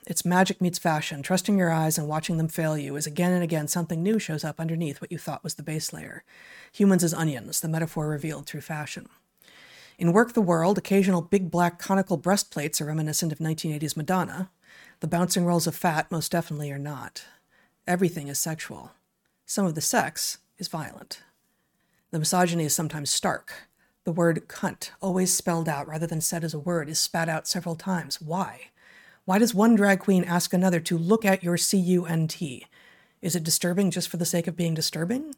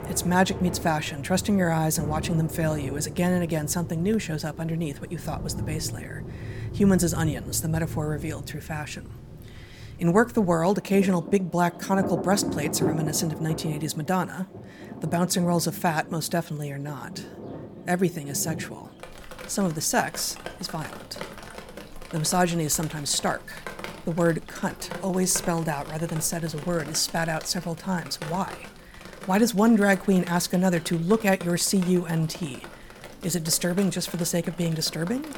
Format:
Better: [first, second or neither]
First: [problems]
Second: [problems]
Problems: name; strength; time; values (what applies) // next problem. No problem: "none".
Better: first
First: none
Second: rain or running water; noticeable; throughout; 10 dB below the speech